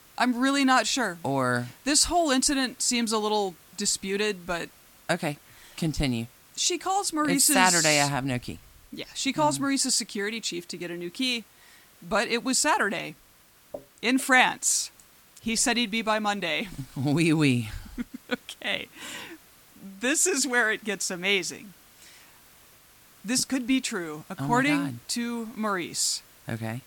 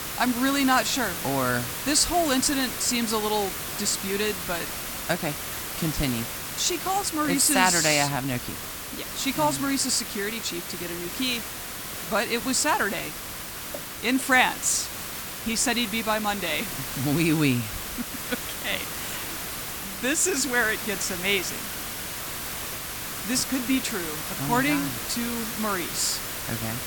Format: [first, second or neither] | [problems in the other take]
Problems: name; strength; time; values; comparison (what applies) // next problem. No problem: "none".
first | hiss; loud; throughout; 6 dB below the speech; faint in the first